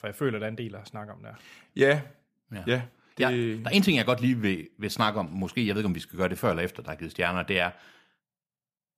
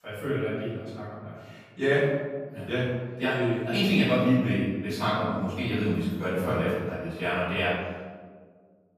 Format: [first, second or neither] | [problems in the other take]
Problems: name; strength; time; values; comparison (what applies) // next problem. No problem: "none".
first | off-mic speech; far // room echo; strong; dies away in 1.4 s